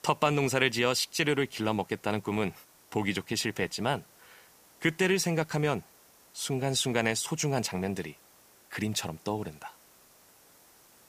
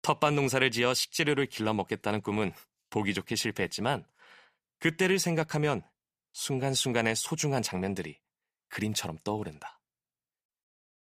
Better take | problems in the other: second | hiss; faint; throughout; 25 dB below the speech

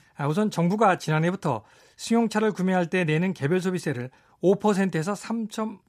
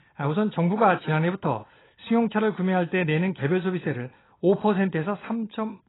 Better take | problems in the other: first | garbled, watery; badly; nothing above 4 kHz

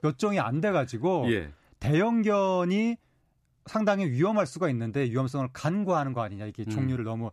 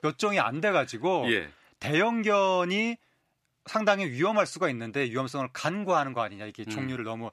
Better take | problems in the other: first | thin; very slightly; fading below 450 Hz

